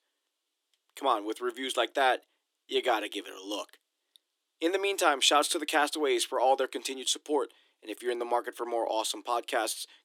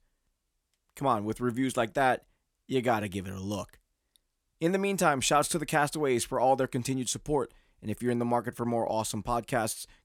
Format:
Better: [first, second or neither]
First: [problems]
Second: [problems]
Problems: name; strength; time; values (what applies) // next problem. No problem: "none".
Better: second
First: thin; somewhat; fading below 300 Hz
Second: none